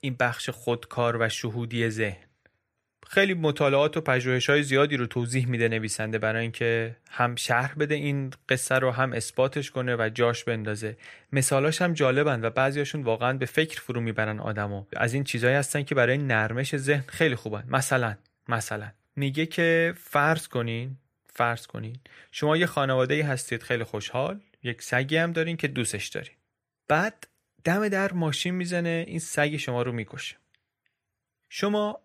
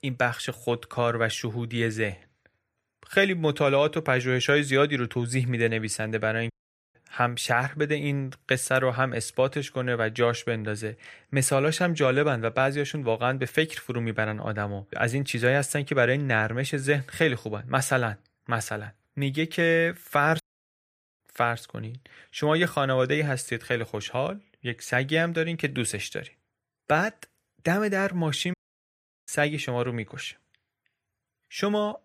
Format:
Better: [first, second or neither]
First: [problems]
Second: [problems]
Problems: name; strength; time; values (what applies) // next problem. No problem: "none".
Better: first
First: none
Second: audio cutting out; at 6.5 s, at 20 s for 1 s and at 29 s for 0.5 s